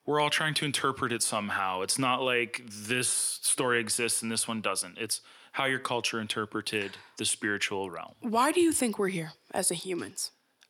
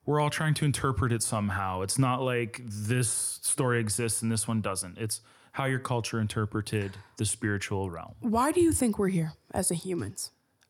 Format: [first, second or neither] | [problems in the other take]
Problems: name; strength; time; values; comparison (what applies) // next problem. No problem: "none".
second | thin; somewhat; fading below 250 Hz